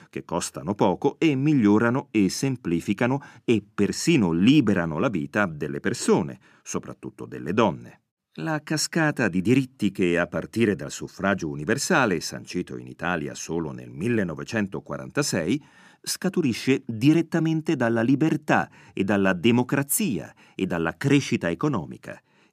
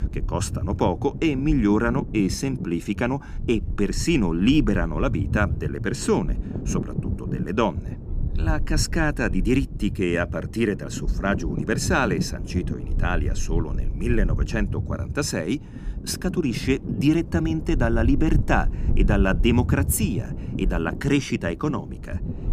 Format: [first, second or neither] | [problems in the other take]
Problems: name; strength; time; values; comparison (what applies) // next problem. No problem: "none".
first | wind noise on the microphone; occasional gusts; 15 dB below the speech